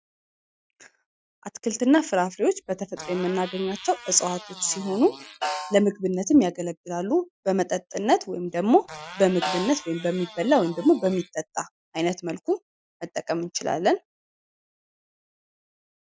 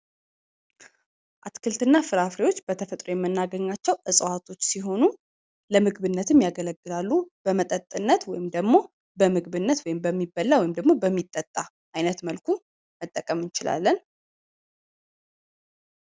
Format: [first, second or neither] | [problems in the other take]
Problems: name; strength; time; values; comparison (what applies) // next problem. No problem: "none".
second | noise reduction (classical method Wiener filter)